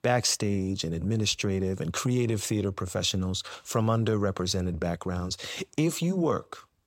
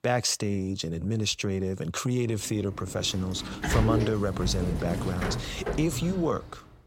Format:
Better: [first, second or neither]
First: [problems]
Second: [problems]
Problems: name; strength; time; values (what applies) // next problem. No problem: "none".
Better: first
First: none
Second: door banging; loud; from 3 to 6.5 s; peak 2 dB above the speech